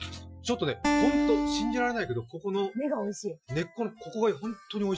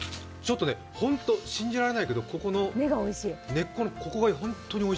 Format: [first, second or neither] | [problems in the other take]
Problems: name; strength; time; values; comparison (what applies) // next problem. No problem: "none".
second | noise reduction (classical method Wiener filter)